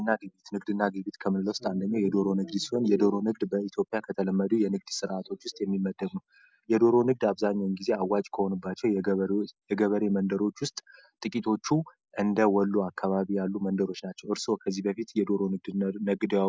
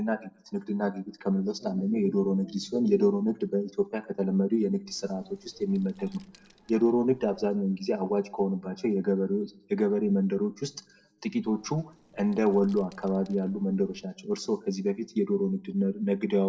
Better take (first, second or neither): first